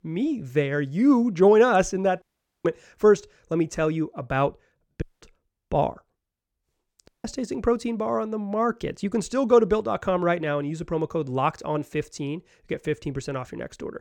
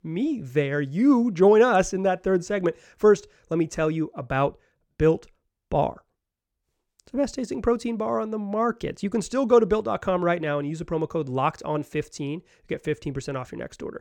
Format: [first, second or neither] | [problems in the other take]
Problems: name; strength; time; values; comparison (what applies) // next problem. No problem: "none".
second | audio cutting out; at 2 s, at 5 s and at 7 s